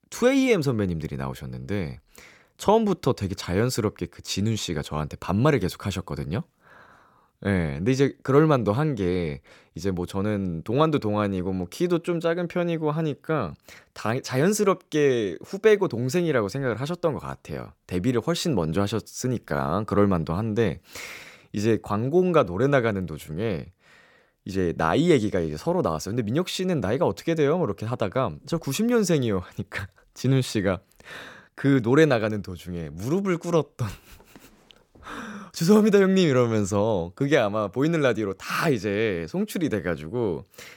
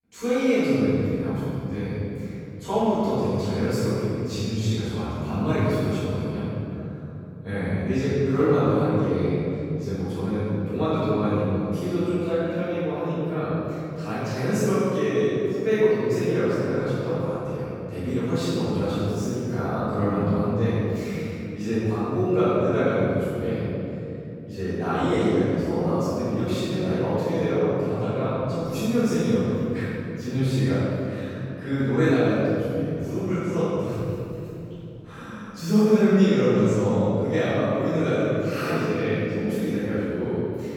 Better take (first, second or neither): first